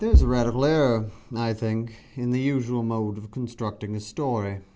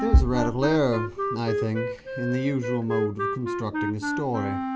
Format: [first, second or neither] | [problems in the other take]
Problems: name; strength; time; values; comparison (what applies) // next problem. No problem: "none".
first | background sound (Wind instrument, woodwind instrument); 4 dB below the speech